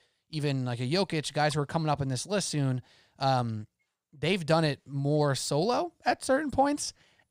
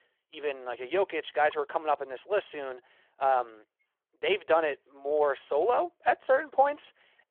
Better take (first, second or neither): first